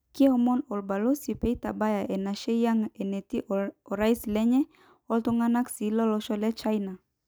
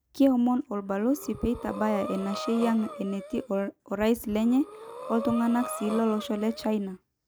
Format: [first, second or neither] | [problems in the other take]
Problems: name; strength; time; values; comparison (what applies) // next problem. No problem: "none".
first | background sound (Breathing); 13 dB below the speech